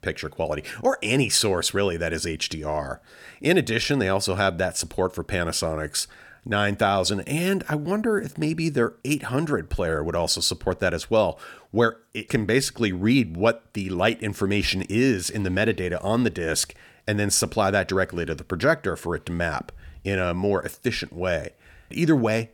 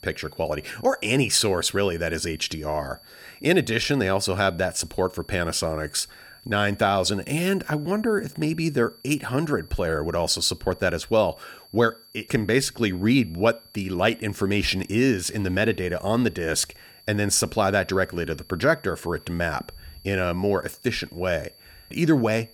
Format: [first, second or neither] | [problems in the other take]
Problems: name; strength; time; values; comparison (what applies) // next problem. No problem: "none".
first | high-pitched whine; faint; throughout; 4.5 kHz, 25 dB below the speech